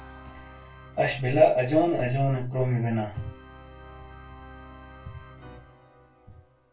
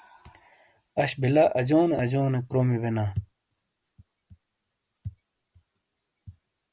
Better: second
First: background sound (Organ); 20 dB below the speech // room echo; dies away in 0.2 s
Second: none

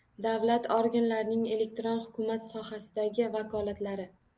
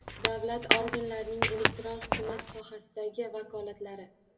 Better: first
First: none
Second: background sound (Squeak / Walk, footsteps); 4 dB above the speech // room echo; dies away in 1.2 s

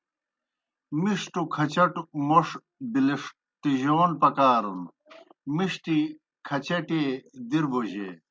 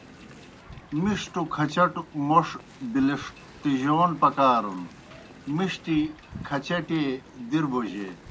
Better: first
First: none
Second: background sound (Wind); 19 dB below the speech

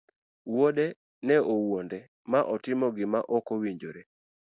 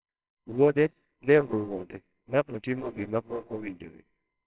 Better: first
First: none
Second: noise reduction (neural separator model SepFormer WHAMR!)

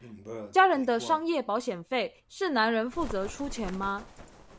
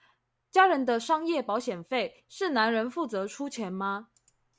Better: second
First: background sound (Bird); 14 dB below the speech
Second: none

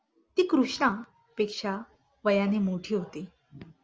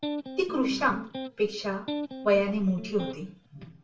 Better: first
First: none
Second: background sound (Electric guitar); 9 dB below the speech // room echo; dies away in 0.3 s

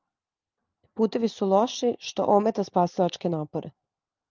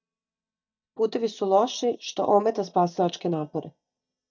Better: first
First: none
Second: noise reduction (neural mask model DeepFilterNet 3)

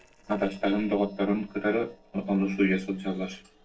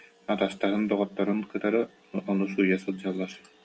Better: second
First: noise reduction (neural separator model SepFormer DNS4)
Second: none

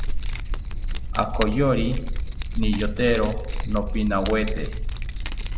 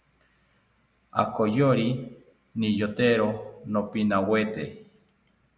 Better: second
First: background sound (Keys jangling); 1 dB above the speech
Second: none

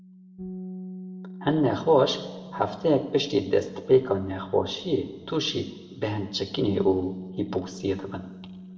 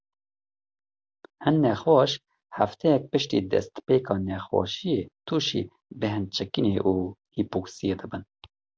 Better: second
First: background sound (Bass guitar); 14 dB below the speech // room echo; dies away in 1.4 s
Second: none

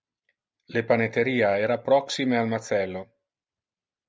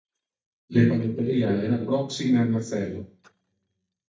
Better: first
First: none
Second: noise reduction (neural mask model DeepFilterNet 3)

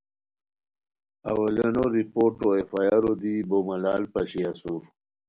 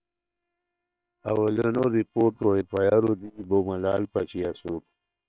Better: first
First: none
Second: noise reduction (neural separator model SepFormer WHAM!)

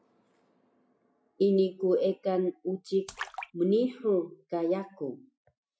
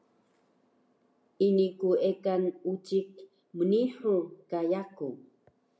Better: second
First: noise reduction (classical method Wiener filter)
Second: none

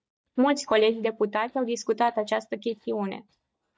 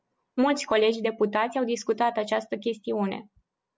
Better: second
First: noise reduction (neural mask model DeepFilterNet 3)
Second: none

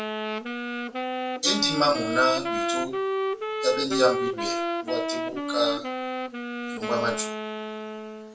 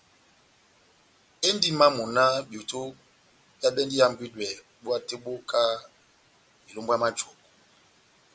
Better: second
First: background sound (Wind instrument, woodwind instrument); 1 dB below the speech // room echo; dies away in 0.2 s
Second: none

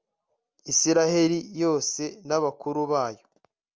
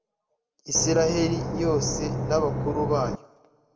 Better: first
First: none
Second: background sound (Engine / Boat, Water vehicle); 1 dB below the speech // room echo; dies away in 1 s

